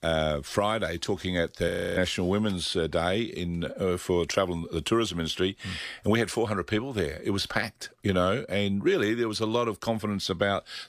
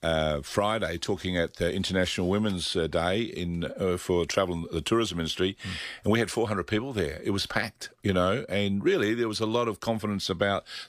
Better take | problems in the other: second | audio freezing; at 1.5 s

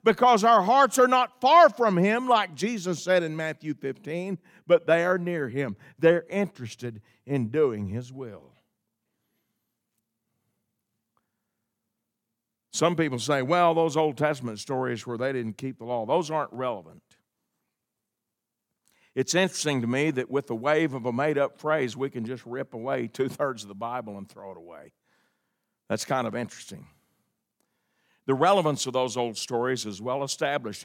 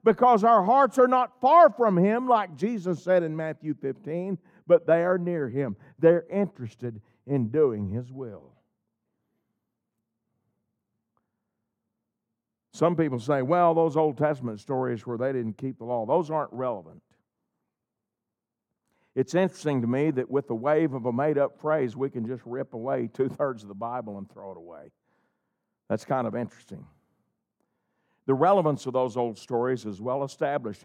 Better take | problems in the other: first | muffled; slightly; fading above 2 kHz

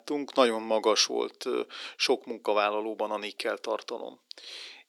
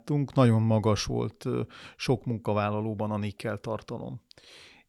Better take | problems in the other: second | thin; very; fading below 300 Hz

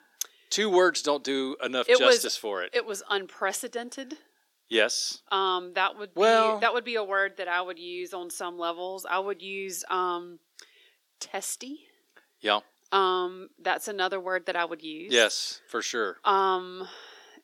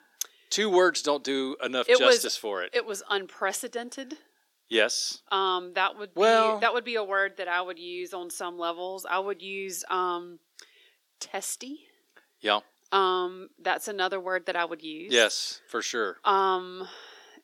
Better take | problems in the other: neither | thin; very; fading below 350 Hz; the same in both

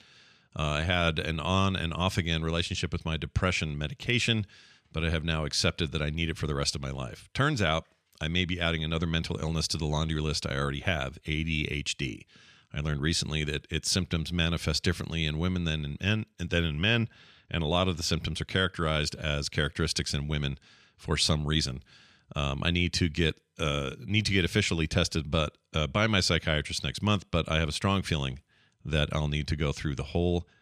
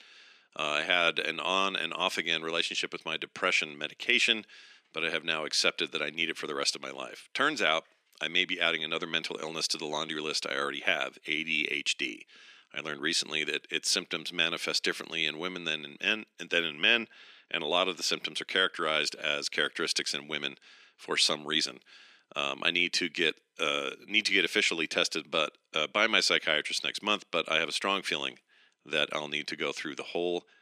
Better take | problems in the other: first | thin; very; fading below 300 Hz

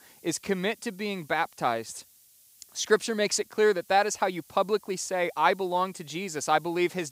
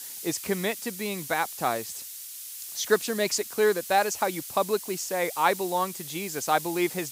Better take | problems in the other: first | hiss; loud; throughout; 9 dB below the speech; faint in the first

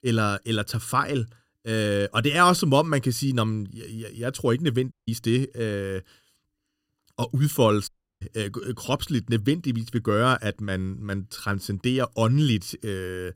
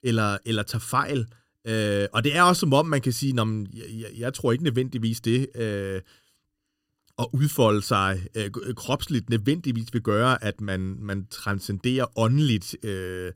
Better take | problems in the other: second | audio cutting out; at 5 s and at 8 s

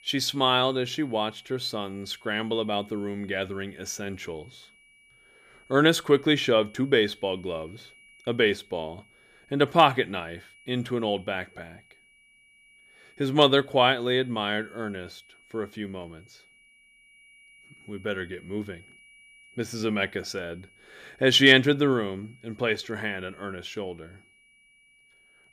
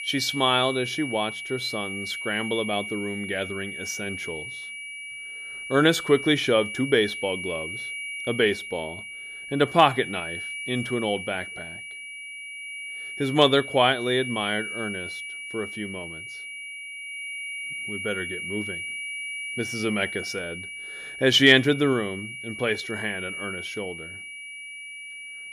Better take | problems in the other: first | high-pitched whine; loud; throughout; 2.5 kHz, 8 dB below the speech; faint in the first

